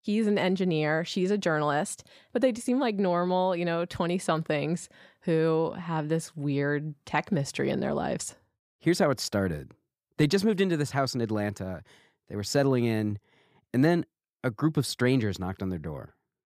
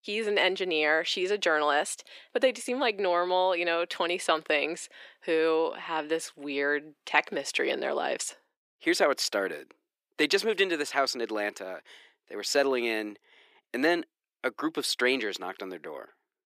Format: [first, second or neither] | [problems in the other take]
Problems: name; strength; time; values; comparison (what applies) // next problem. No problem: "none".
first | thin; somewhat; fading below 350 Hz